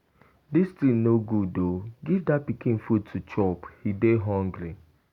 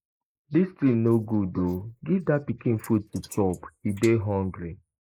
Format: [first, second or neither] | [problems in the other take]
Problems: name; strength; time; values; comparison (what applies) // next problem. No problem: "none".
first | noise reduction (neural mask model Resemble Enhance denoiser)